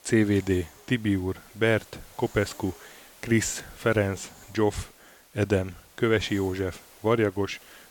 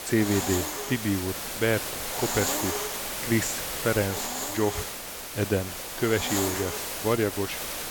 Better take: first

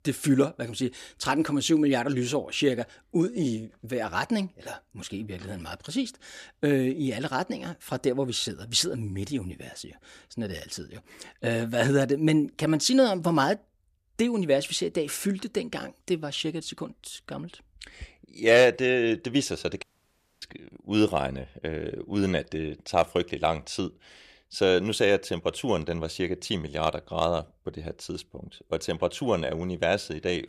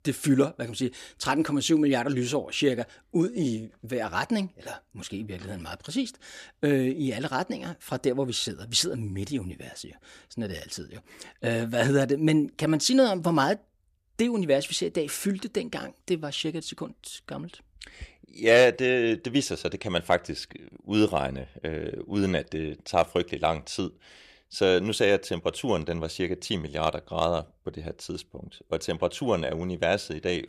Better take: second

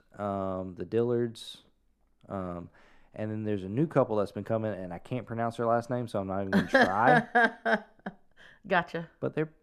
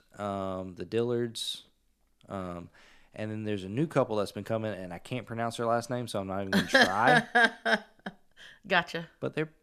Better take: second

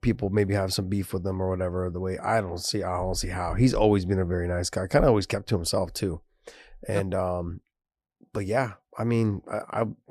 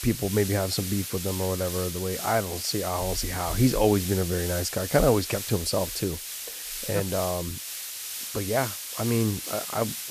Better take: first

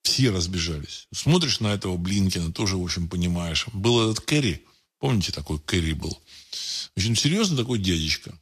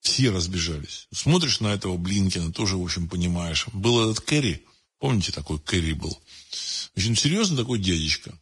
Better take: first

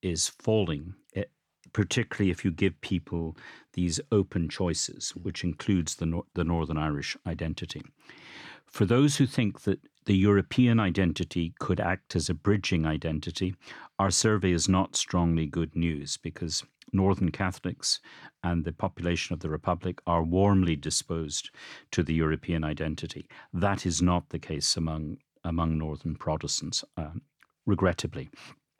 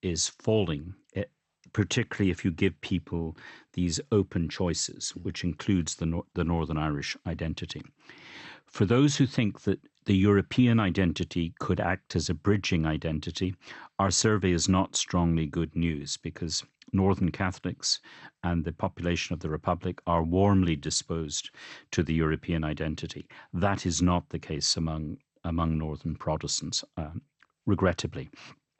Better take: first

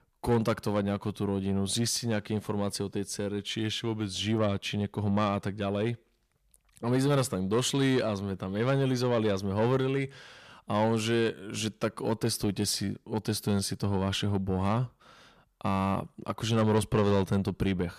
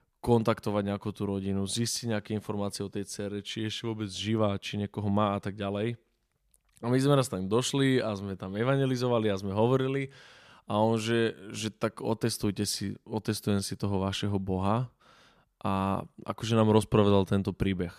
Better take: second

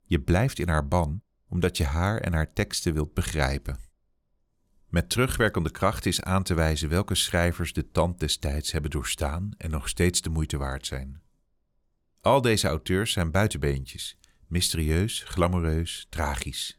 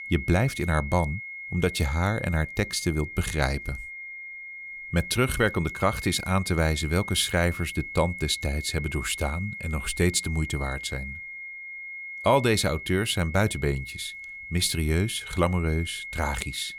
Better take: first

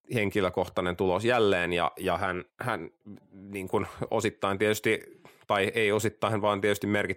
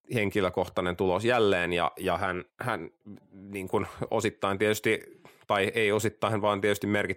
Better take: neither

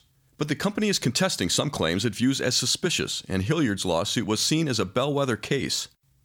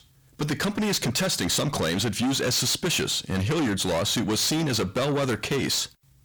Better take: first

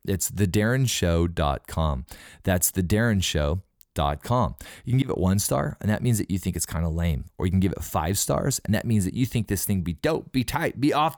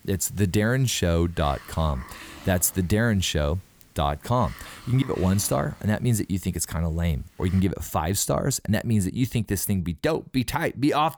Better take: first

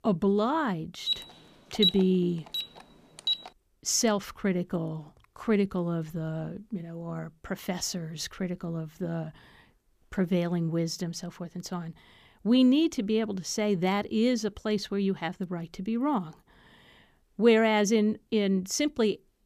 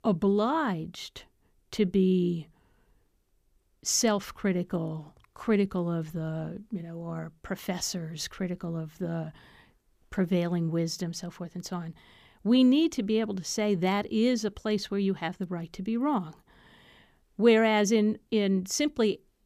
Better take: second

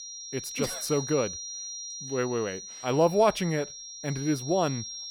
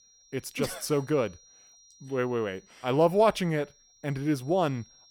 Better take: second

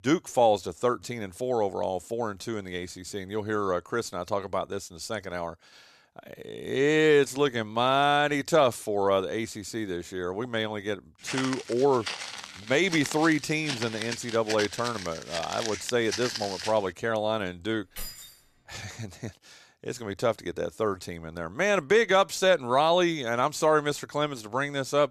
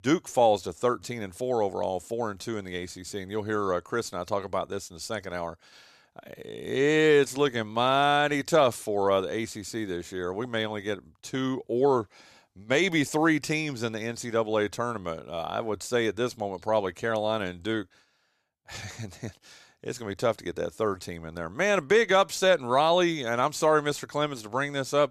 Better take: second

